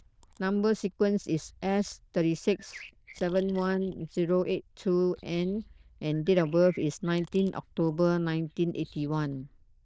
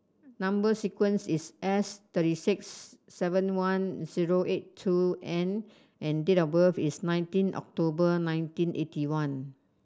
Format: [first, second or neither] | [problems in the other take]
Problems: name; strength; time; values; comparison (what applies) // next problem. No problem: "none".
second | noise reduction (neural diffusion model UNIVERSE++)